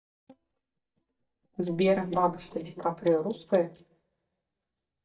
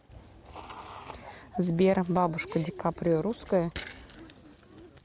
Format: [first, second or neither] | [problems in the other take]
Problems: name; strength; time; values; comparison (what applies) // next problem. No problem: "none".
second | noise reduction (neural mask model DeepFilterNet 3)